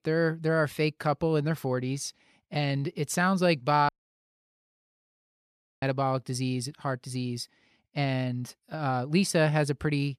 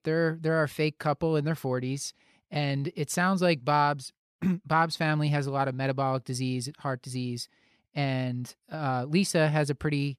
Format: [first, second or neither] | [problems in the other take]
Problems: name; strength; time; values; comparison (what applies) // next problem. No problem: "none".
second | audio cutting out; at 4 s for 2 s